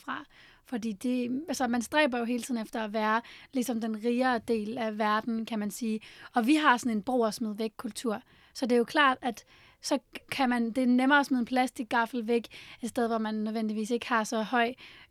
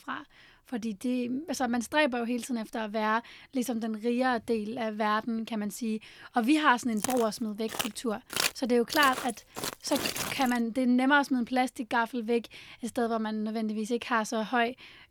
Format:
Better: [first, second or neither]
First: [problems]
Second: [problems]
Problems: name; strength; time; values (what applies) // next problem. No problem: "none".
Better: first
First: none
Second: footsteps; loud; from 7 to 11 s; peak level with the speech